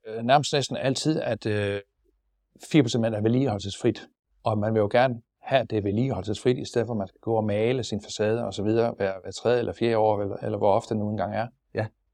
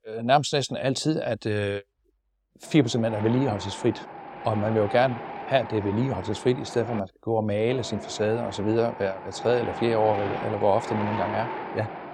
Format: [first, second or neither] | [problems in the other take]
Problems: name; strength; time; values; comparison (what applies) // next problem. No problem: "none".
first | wind noise on the microphone; heavy; from 2.5 s on; 8 dB below the speech